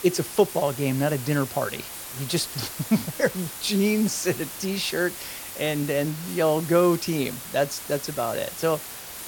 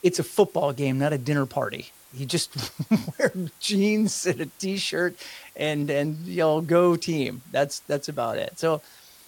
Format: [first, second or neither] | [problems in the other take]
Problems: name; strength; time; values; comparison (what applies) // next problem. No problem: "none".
second | hiss; loud; throughout; 9 dB below the speech; faint in the second